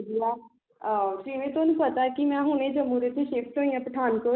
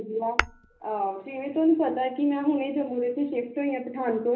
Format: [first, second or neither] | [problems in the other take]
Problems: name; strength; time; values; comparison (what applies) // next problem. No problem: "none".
first | background sound (Tap / Hammer); 9 dB below the speech // room echo; dies away in 0.3 s